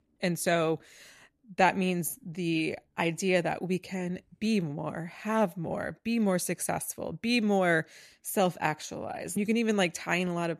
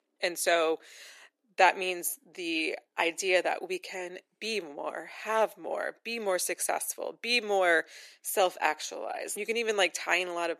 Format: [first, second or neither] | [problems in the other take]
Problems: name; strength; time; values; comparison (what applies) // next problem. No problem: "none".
first | thin; very; fading below 350 Hz